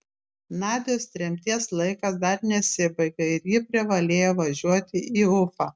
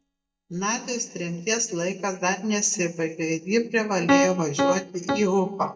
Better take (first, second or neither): first